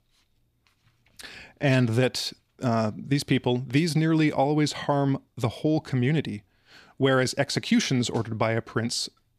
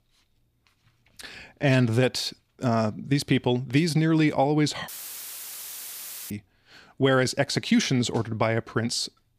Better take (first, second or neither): first